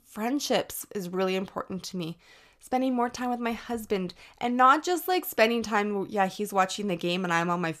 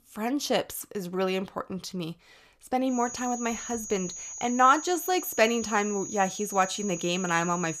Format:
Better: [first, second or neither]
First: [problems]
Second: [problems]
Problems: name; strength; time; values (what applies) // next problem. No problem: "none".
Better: first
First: none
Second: high-pitched whine; loud; from 3 s on; 6.5 kHz, 9 dB below the speech